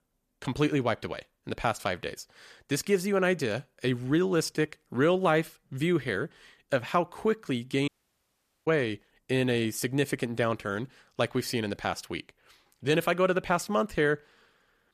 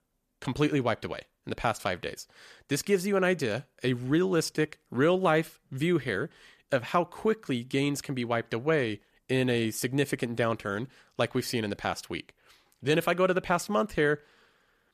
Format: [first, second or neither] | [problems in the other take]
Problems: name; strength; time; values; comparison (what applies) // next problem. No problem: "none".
second | audio cutting out; at 8 s for 1 s